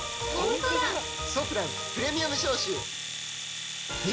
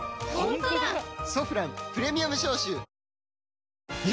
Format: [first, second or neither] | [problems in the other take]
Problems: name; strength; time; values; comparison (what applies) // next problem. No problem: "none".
second | background sound (Domestic sounds, home sounds); 5 dB below the speech // room echo; dies away in 0.5 s